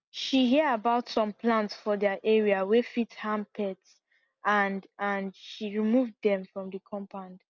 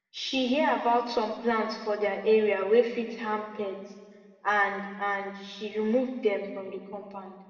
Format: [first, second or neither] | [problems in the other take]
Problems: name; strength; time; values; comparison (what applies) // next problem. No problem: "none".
first | room echo; dies away in 1.5 s